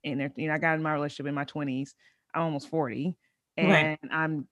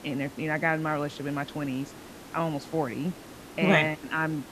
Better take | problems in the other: first | hiss; noticeable; throughout; 15 dB below the speech

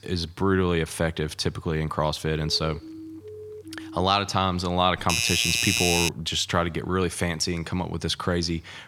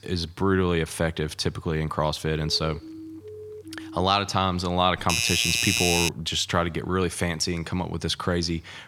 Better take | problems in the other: neither | siren; faint; from 2.5 to 4 s; peak 15 dB below the speech; the same in both // doorbell; loud; from 5 to 6 s; peak 4 dB above the speech; the same in both

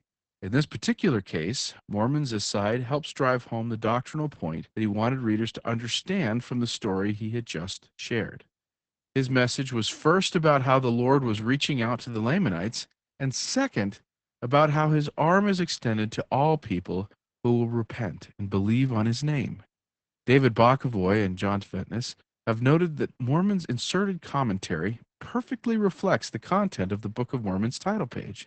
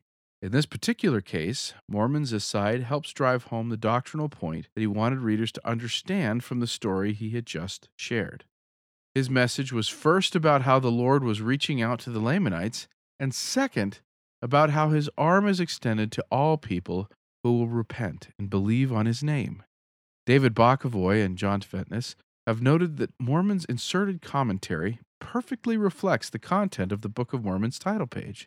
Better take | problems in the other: second | garbled, watery; badly; nothing above 8 kHz

